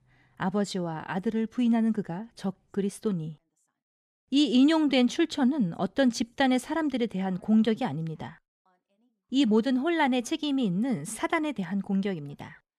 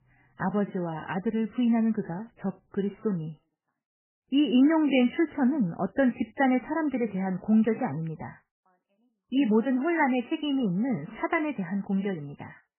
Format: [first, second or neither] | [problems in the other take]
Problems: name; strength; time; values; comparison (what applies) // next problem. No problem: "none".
first | garbled, watery; badly; nothing above 3 kHz